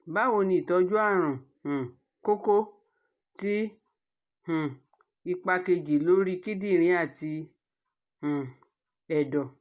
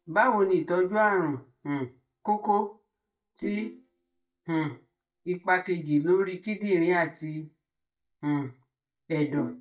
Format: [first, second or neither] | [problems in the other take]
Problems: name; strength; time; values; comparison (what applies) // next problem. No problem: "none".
first | noise reduction (neural mask model DeepFilterNet 3)